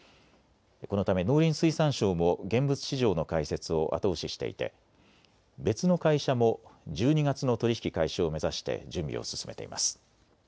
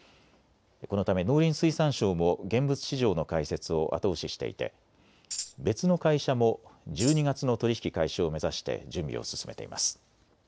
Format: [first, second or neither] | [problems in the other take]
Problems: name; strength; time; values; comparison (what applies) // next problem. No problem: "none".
first | background sound (Tambourine); 10 dB below the speech